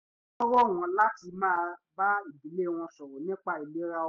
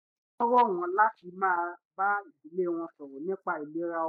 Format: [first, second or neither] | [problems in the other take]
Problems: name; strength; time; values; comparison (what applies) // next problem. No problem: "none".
first | noise reduction (neural mask model DeepFilterNet 3)